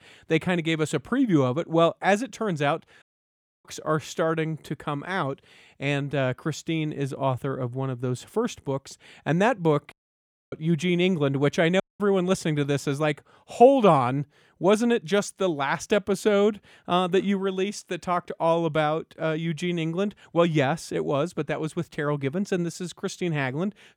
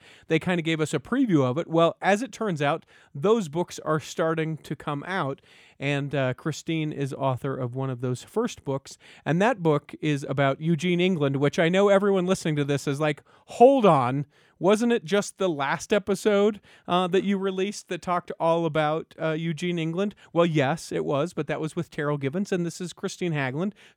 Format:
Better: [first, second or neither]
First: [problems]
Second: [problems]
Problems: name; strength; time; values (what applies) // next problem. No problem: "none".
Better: second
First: audio cutting out; at 3 s for 0.5 s, at 10 s for 0.5 s and at 12 s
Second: none